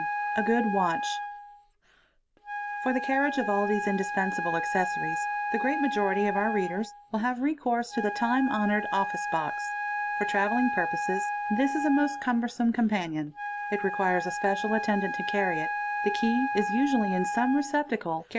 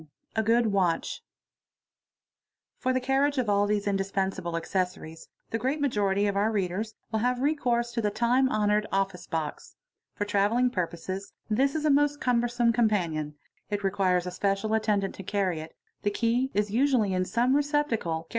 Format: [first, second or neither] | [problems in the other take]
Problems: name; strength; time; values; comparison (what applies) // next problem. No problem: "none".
second | background sound (Wind instrument, woodwind instrument); 4 dB below the speech